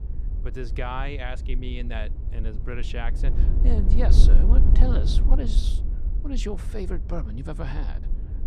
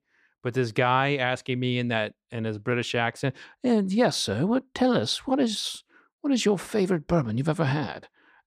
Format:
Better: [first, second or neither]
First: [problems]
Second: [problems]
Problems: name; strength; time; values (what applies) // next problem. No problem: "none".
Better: second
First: wind noise on the microphone; heavy; 7 dB below the speech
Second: none